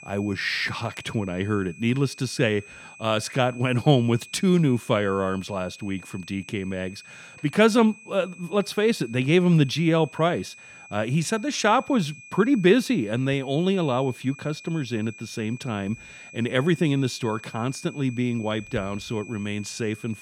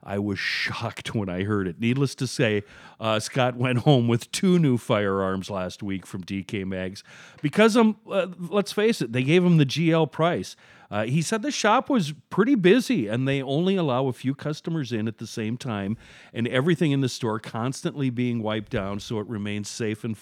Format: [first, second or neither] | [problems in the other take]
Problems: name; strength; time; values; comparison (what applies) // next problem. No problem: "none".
second | high-pitched whine; noticeable; throughout; 2.5 kHz, 20 dB below the speech